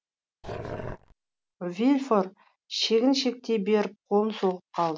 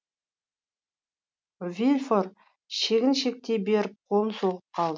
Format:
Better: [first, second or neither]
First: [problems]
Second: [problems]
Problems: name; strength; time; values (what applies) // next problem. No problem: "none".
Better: second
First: background sound (Growling); 11 dB below the speech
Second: none